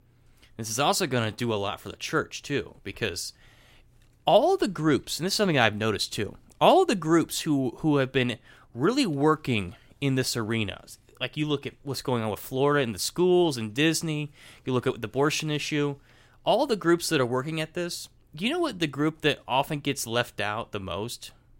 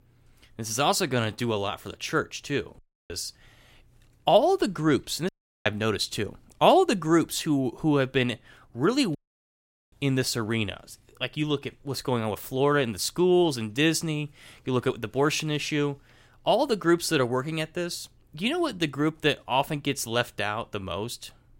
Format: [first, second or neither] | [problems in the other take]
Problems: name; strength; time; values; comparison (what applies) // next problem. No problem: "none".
first | audio cutting out; at 3 s, at 5.5 s and at 9 s for 1 s